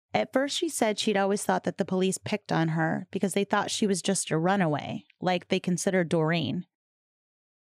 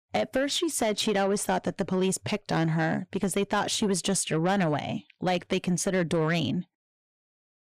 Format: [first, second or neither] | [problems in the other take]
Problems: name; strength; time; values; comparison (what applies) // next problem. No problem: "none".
first | distortion; slight; 10 dB below the speech